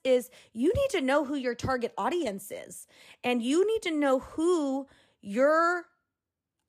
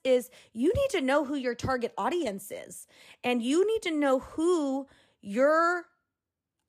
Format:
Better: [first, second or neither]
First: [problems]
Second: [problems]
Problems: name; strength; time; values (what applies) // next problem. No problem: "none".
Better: neither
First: none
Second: none